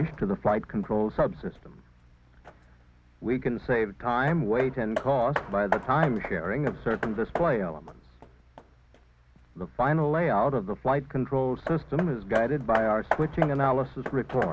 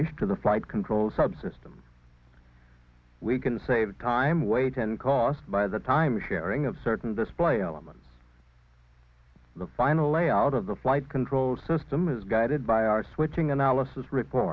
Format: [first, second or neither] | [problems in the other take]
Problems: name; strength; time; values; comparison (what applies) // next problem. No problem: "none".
second | background sound (Hammer); 10 dB below the speech